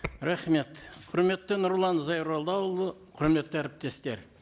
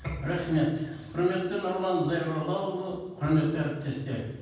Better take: first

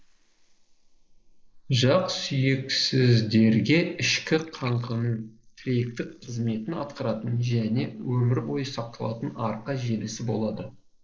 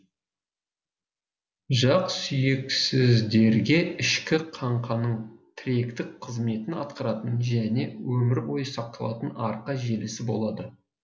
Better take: second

